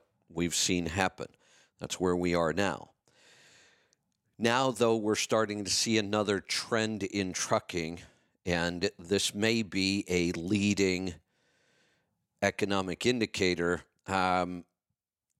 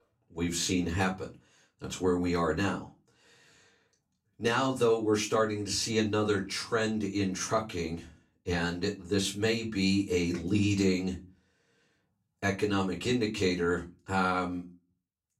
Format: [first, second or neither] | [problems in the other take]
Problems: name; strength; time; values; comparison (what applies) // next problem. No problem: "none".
first | off-mic speech; far // room echo; very slight; dies away in 0.2 s